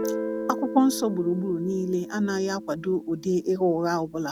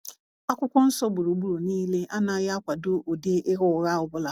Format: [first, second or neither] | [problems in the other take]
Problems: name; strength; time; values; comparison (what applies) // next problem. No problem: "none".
second | background sound (Guitar); 9 dB below the speech